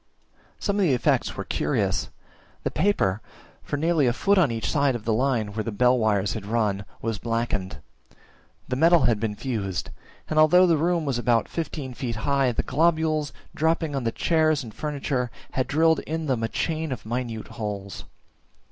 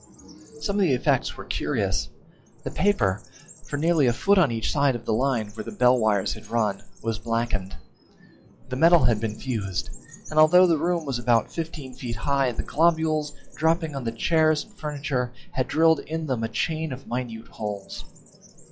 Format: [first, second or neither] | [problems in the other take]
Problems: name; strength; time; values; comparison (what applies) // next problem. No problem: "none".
first | noise reduction (classical method log-MMSE)